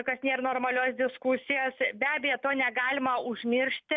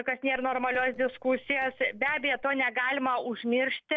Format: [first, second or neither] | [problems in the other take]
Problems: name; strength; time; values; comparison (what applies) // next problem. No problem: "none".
first | noise reduction (neural separator model SepFormer DNS4)